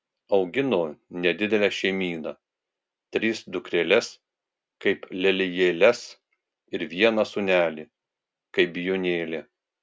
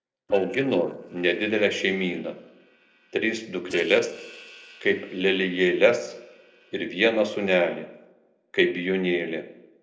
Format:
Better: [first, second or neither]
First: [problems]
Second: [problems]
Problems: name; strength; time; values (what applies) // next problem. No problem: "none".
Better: first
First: none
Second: noise reduction (neural separator model SepFormer DNS4)